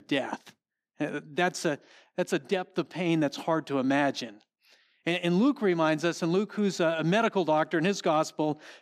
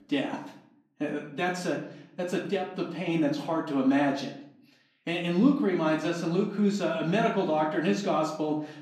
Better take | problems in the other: first | off-mic speech; far // room echo; slight; dies away in 0.6 s

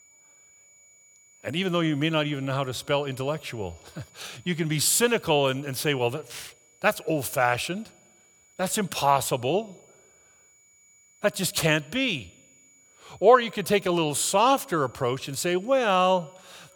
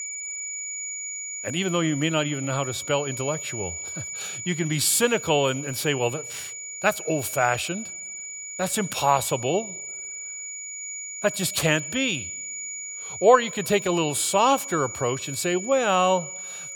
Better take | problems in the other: first | high-pitched whine; loud; throughout; 7 kHz, 8 dB below the speech; faint in the first

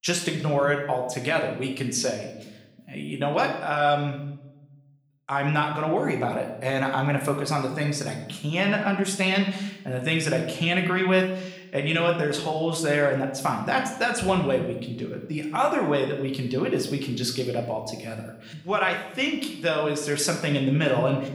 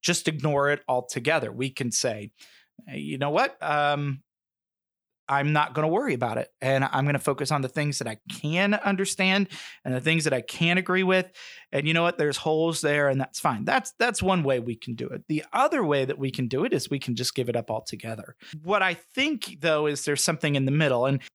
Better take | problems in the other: second | room echo; slight; dies away in 0.7 s // off-mic speech; somewhat distant

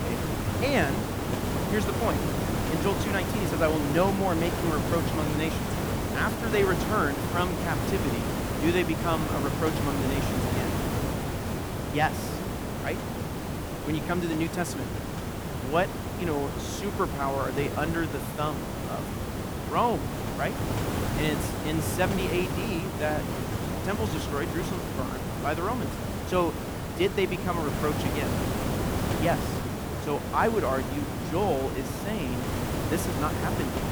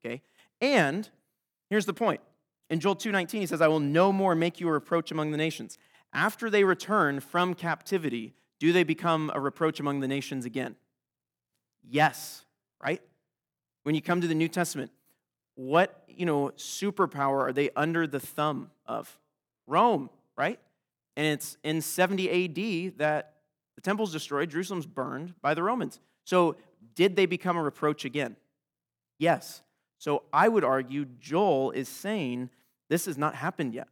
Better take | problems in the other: second | hiss; loud; throughout; as loud as the speech

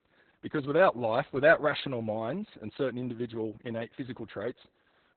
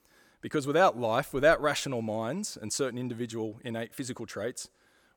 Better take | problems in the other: second | garbled, watery; badly; nothing above 4 kHz

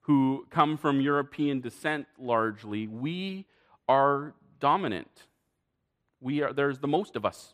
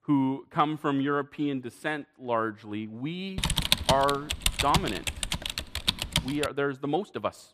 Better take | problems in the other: first | keyboard typing; loud; from 3.5 to 6.5 s; peak 5 dB above the speech

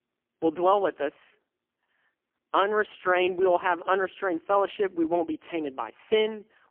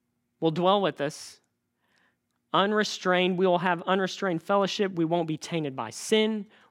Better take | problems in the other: second | phone-call audio; poor line; nothing above 3.5 kHz

